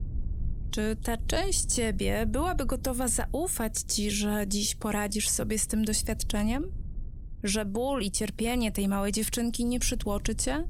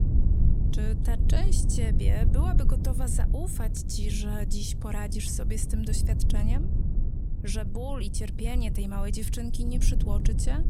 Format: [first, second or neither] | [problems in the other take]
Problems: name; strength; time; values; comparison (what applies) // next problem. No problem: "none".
first | low rumble; loud; throughout; 5 dB below the speech; faint in the first